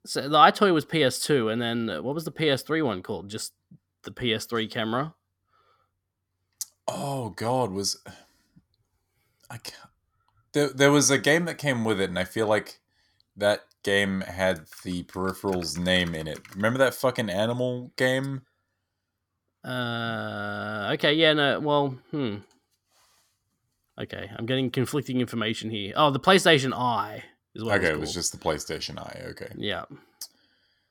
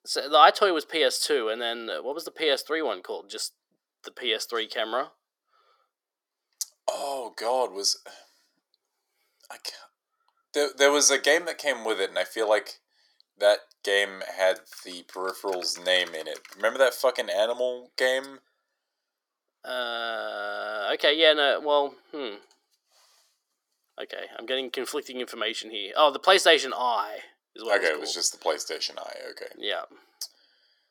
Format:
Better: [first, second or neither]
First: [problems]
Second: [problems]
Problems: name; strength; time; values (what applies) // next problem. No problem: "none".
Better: first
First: none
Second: thin; very; fading below 350 Hz